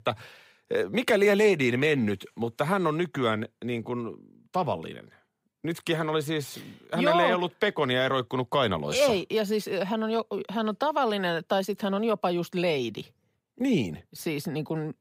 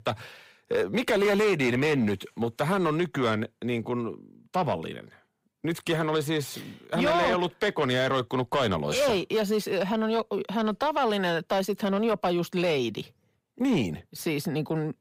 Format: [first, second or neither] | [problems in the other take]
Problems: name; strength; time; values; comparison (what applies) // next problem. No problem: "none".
first | distortion; slight; 10 dB below the speech